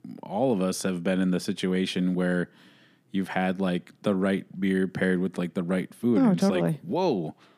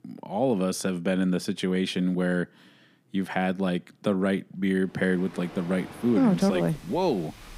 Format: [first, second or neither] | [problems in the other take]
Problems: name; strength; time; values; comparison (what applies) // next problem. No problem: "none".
first | rain or running water; noticeable; from 5 s on; 20 dB below the speech